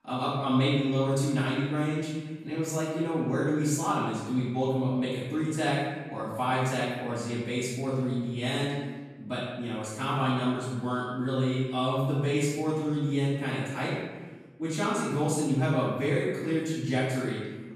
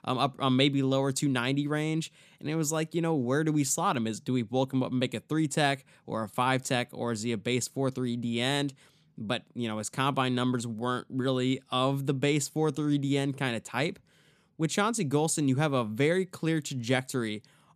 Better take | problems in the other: second | off-mic speech; far // room echo; strong; dies away in 1.2 s

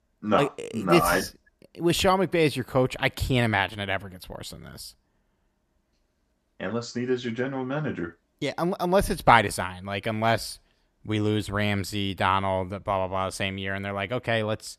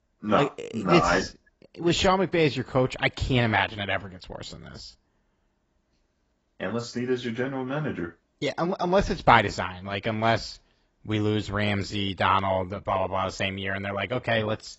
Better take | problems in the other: first | garbled, watery; badly; nothing above 7.5 kHz

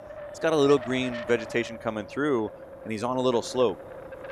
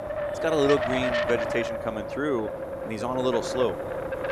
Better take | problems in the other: first | wind noise on the microphone; heavy; 1 dB below the speech; occasional gusts in the first

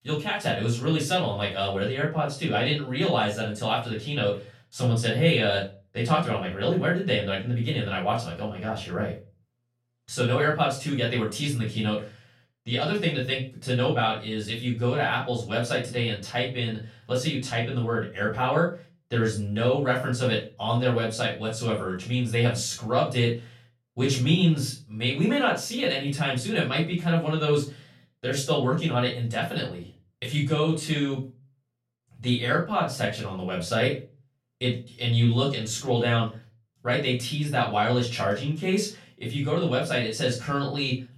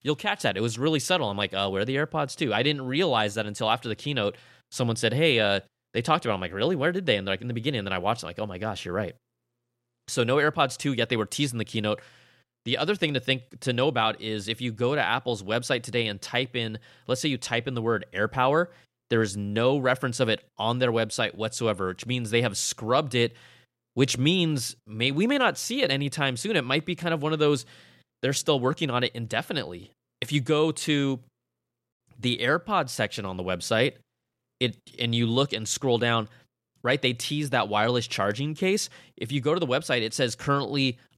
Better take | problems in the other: second | off-mic speech; far // room echo; slight; dies away in 0.3 s

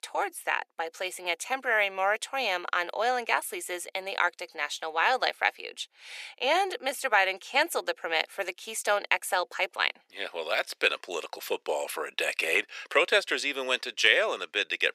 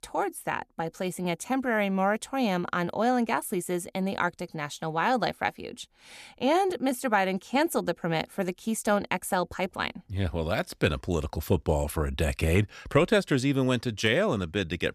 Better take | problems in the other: second | thin; very; fading below 450 Hz

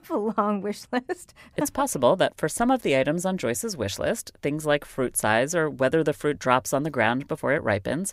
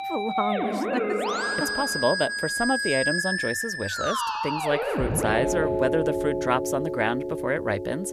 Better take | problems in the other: first | background music; very loud; throughout; as loud as the speech

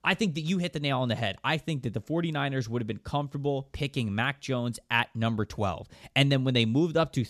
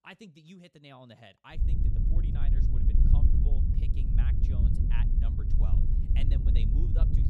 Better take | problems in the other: first | wind noise on the microphone; heavy; from 1.5 s on; 4 dB above the speech

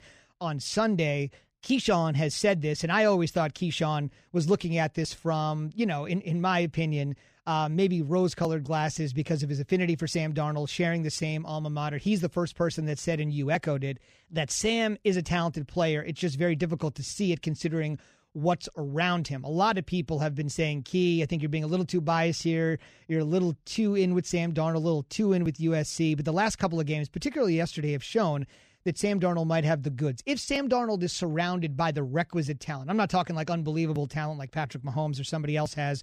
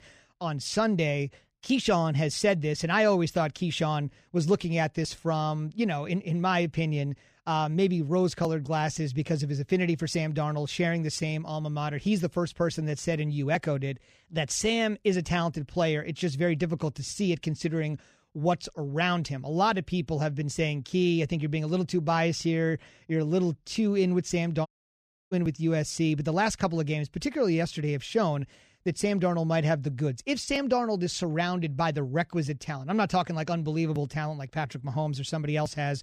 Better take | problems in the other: first | audio cutting out; at 25 s for 0.5 s

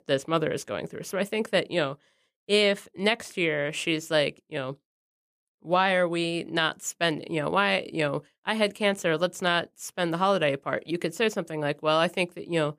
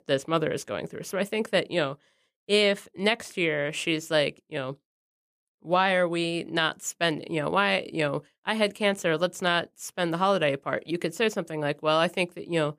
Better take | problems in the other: neither | none

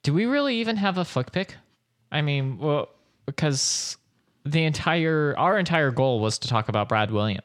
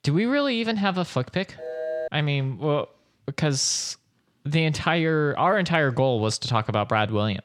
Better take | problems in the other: first | phone ringing; noticeable; at 1.5 s; peak 6 dB below the speech

